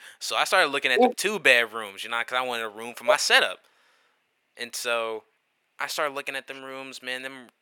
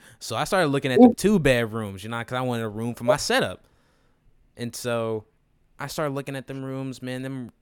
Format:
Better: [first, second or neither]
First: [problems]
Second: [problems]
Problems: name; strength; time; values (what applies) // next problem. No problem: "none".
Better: second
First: thin; very; fading below 600 Hz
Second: none